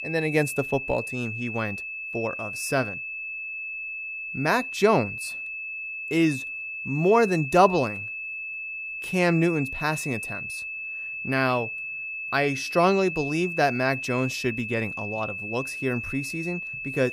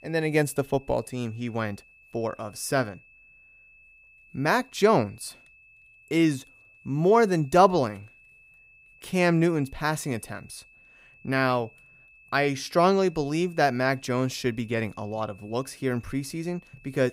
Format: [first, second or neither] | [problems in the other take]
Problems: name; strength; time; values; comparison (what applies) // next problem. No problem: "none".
second | high-pitched whine; loud; throughout; 2.5 kHz, 6 dB below the speech; faint in the second